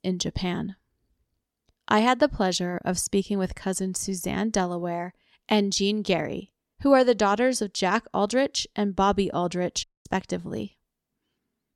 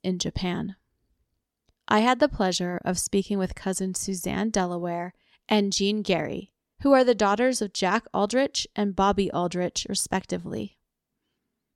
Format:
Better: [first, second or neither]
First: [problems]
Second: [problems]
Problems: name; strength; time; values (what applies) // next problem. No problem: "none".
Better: second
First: audio cutting out; at 10 s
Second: none